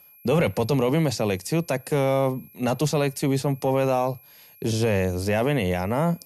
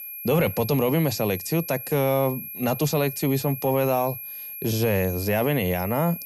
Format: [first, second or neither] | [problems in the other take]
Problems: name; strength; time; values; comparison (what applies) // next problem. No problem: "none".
first | high-pitched whine; loud; throughout; 11.5 kHz, 9 dB below the speech; faint in the first